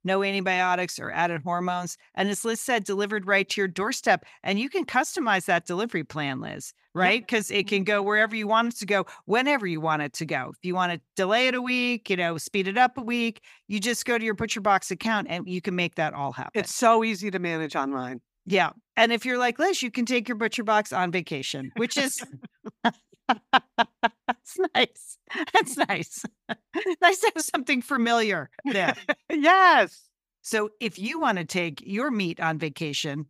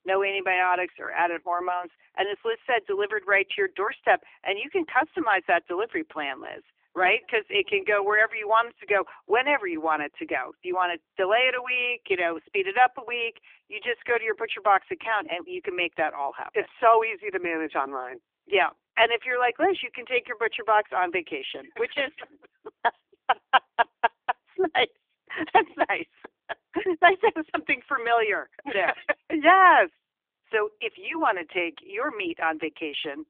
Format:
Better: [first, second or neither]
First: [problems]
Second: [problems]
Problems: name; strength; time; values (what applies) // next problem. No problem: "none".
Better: first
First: none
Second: phone-call audio